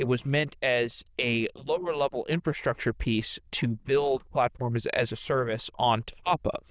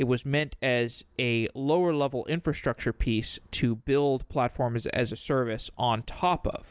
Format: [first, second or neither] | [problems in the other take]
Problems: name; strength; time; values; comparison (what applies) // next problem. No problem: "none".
second | noise reduction (neural diffusion model UNIVERSE++)